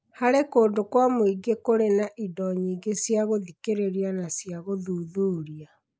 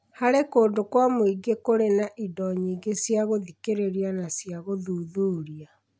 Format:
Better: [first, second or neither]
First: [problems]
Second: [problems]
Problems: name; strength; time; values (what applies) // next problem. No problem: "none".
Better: second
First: noise reduction (neural mask model Resemble Enhance denoiser)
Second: none